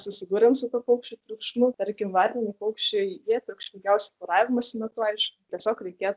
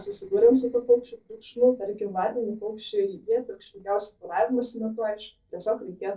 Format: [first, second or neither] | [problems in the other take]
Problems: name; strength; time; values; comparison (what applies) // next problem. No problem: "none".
first | noise reduction (neural separator model SepFormer DNS4)